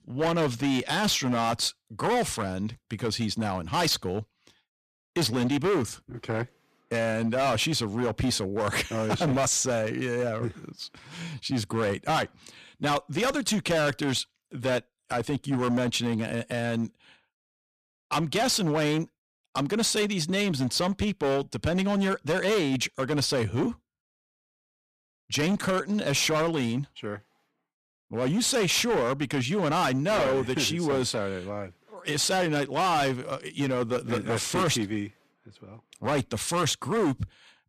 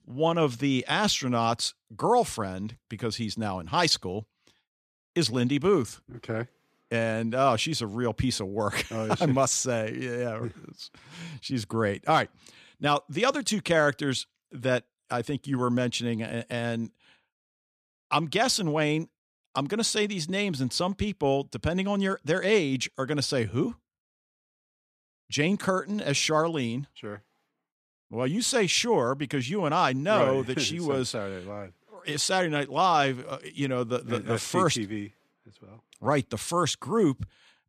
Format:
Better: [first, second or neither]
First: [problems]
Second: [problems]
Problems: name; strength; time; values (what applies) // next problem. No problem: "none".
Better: second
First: distortion; heavy; 13% of the sound clipped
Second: none